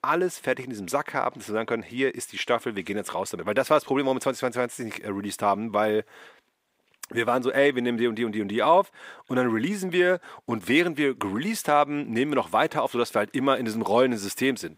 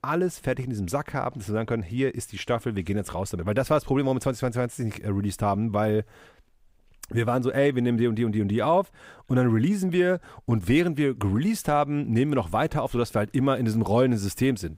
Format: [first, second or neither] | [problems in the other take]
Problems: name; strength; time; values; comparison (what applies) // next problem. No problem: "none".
second | thin; very slightly; fading below 300 Hz